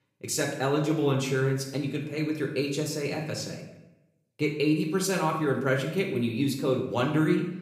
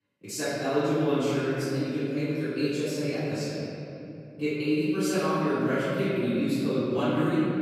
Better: first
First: room echo; slight; dies away in 0.7 s // off-mic speech; somewhat distant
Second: room echo; strong; dies away in 2.8 s // off-mic speech; far

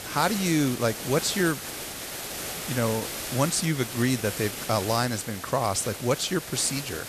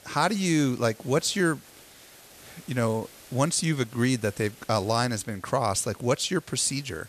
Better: second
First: hiss; loud; throughout; 7 dB below the speech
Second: hiss; faint; throughout; 20 dB below the speech

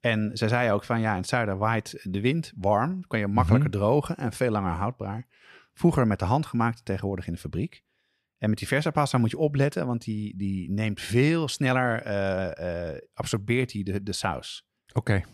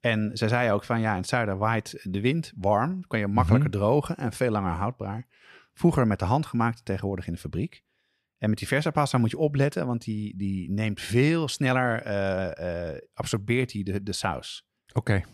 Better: neither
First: none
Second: none

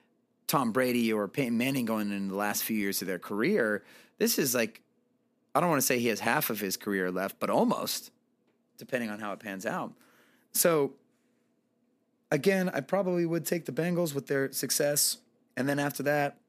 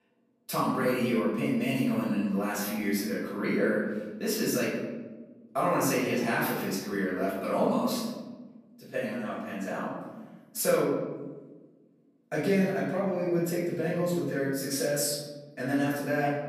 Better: first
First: none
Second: room echo; noticeable; dies away in 1.3 s // off-mic speech; far

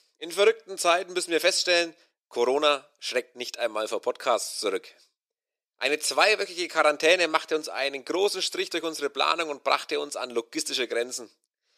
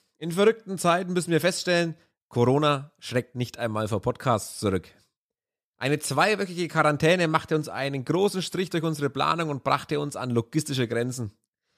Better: second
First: thin; very; fading below 350 Hz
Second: none

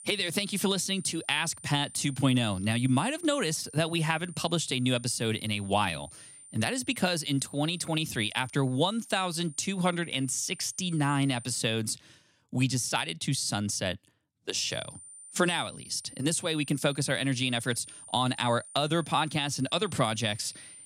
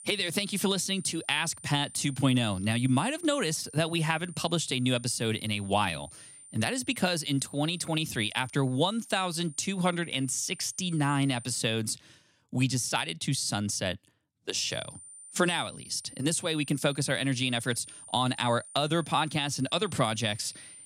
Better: neither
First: high-pitched whine; noticeable; until 11 s and from 15 s on; 9 kHz, 15 dB below the speech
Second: high-pitched whine; noticeable; until 11 s and from 15 s on; 9 kHz, 15 dB below the speech

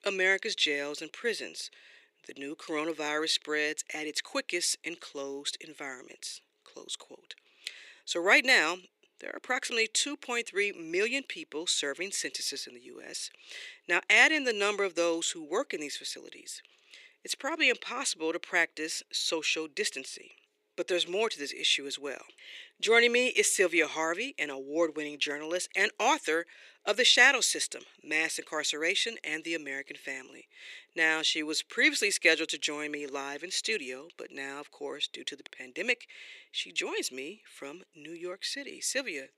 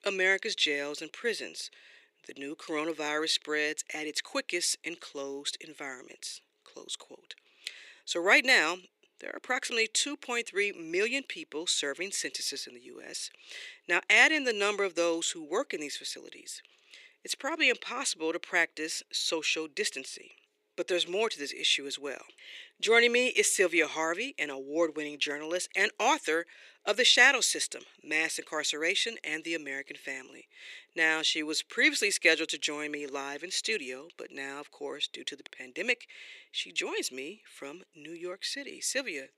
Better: neither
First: thin; very; fading below 350 Hz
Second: thin; very; fading below 350 Hz

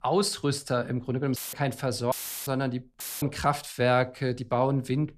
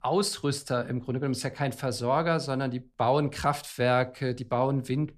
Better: second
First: audio cutting out; filled with static; at 1.5 s, at 2 s and at 3 s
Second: none

